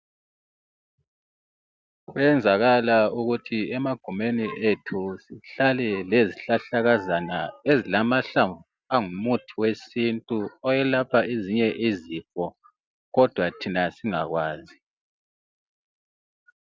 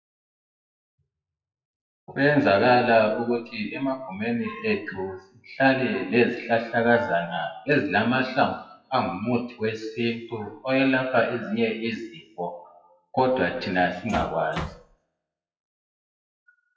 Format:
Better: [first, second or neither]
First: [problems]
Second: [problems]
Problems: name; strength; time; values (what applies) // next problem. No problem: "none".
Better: first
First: none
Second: noise reduction (classical method WPE with log-MMSE)